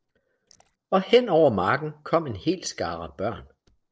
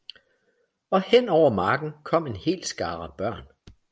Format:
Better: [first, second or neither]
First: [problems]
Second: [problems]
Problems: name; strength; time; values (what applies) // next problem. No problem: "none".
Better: second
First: noise reduction (neural separator model SepFormer DNS4)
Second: none